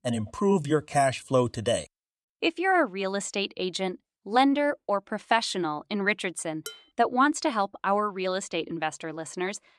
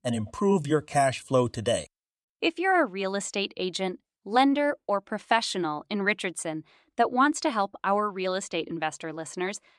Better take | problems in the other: second | clattering dishes; faint; at 6.5 s; peak 15 dB below the speech

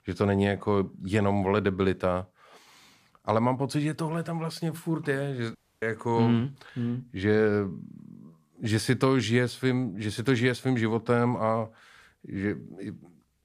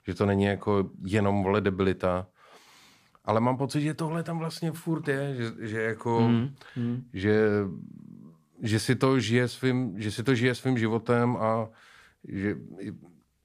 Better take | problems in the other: second | audio cutting out; at 5.5 s

